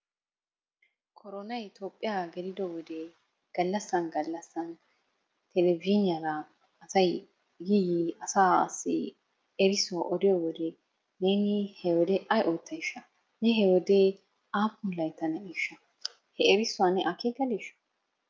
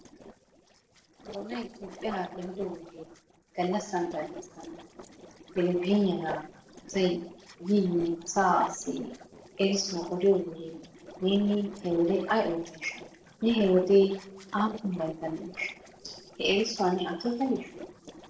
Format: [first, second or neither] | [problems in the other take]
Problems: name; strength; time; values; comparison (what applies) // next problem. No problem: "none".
first | noise reduction (neural separator model SepFormer DNS4)